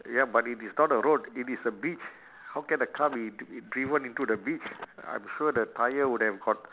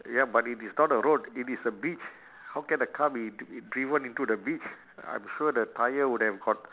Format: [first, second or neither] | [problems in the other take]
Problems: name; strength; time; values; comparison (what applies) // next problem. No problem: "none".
second | background sound (Telephone); 20 dB below the speech